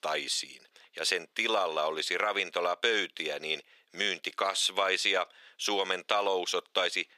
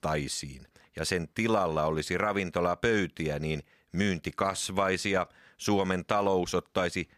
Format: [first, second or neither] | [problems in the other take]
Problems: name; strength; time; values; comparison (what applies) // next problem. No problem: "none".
second | thin; very; fading below 400 Hz